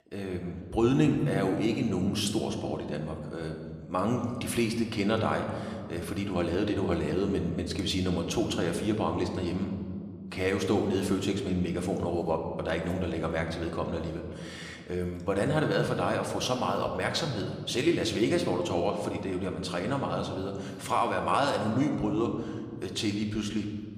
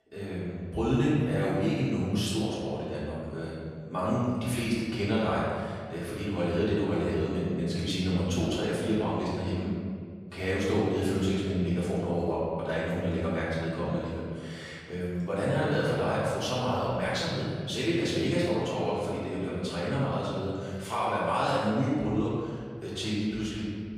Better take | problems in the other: first | room echo; strong; dies away in 1.9 s; slight in the first // off-mic speech; far

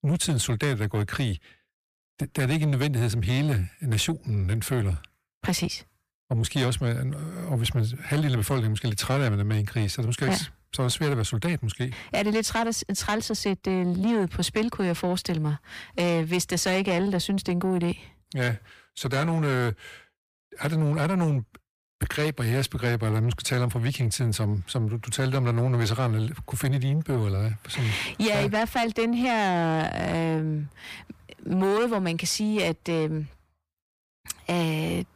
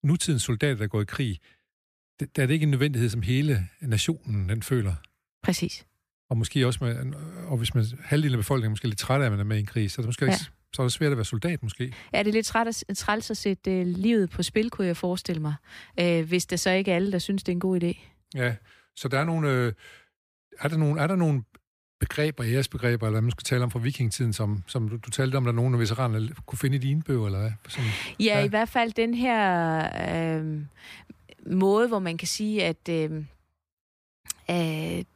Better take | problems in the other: second | distortion; slight; 10 dB below the speech

